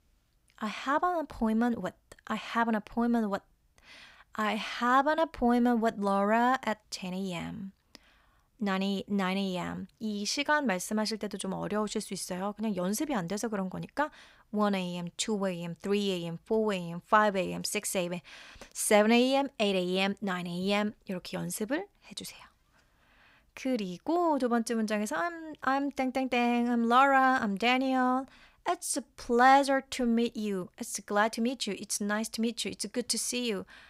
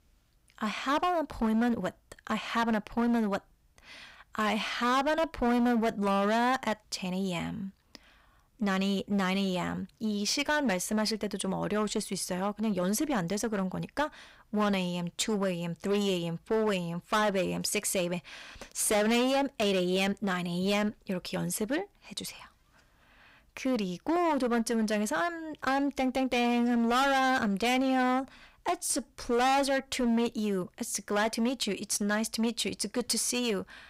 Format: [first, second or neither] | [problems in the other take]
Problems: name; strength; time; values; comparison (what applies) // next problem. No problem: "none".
first | distortion; heavy; 11% of the sound clipped